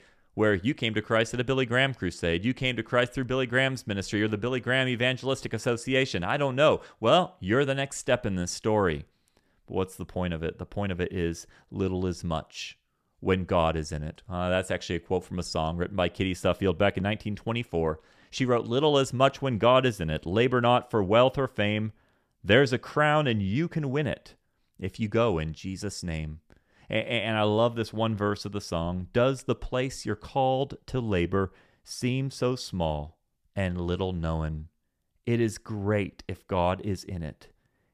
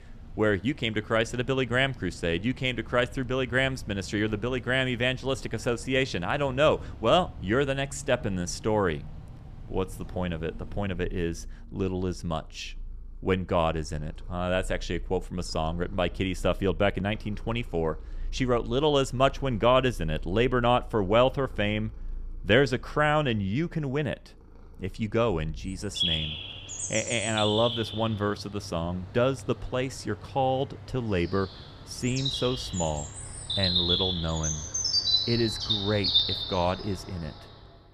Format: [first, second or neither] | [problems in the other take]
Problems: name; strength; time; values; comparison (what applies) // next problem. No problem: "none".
first | animal sounds; loud; throughout; 4 dB below the speech